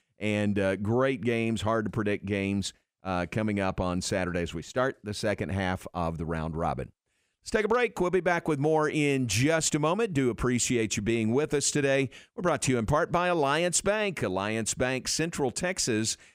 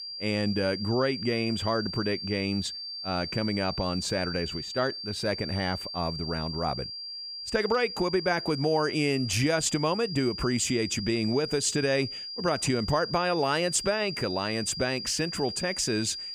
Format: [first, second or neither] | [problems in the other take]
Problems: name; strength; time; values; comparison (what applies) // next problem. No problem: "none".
first | high-pitched whine; loud; throughout; 5 kHz, 6 dB below the speech